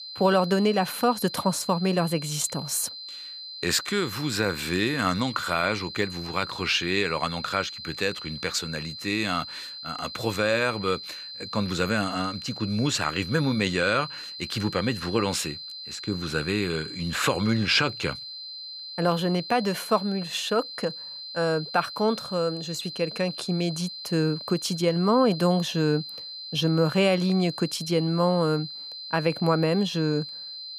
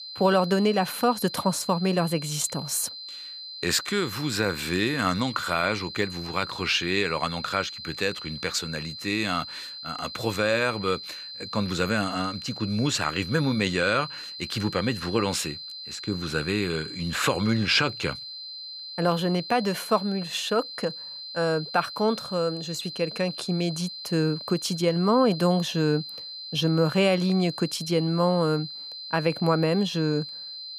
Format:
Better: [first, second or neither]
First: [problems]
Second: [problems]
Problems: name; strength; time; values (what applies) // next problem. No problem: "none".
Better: neither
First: high-pitched whine; loud; throughout; 4 kHz, 10 dB below the speech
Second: high-pitched whine; loud; throughout; 4 kHz, 10 dB below the speech